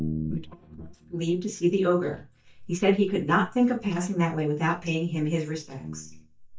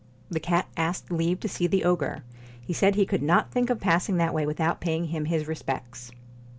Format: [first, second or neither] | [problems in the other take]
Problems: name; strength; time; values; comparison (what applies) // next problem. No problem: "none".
second | noise reduction (neural mask model DeepFilterNet 3)